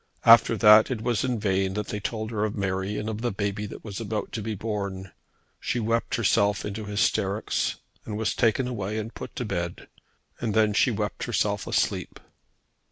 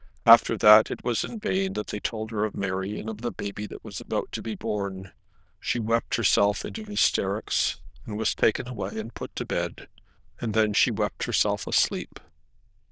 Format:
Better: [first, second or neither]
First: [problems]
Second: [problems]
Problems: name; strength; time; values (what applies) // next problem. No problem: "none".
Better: first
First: none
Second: noise reduction (neural diffusion model UNIVERSE++)